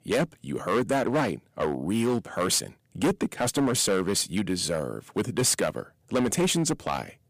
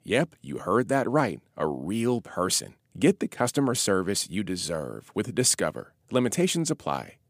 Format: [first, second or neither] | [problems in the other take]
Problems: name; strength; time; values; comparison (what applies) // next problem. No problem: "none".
second | distortion; heavy; 8% of the sound clipped